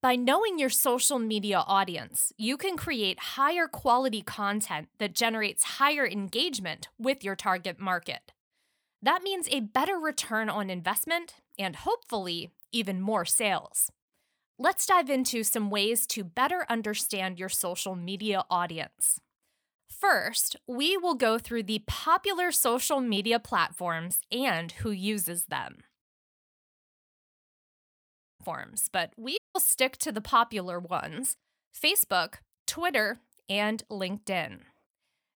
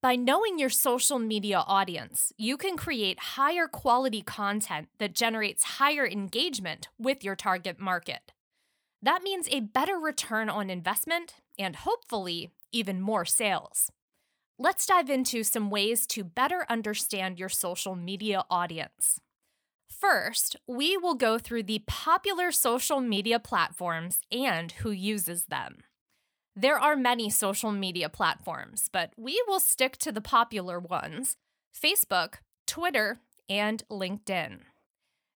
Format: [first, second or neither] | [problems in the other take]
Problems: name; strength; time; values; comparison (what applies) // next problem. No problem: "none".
second | audio cutting out; at 26 s for 2.5 s and at 29 s